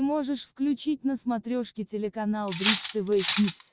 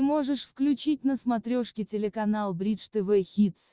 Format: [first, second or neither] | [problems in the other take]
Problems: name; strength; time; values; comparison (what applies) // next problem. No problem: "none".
second | background sound (Cutlery, silverware); 3 dB below the speech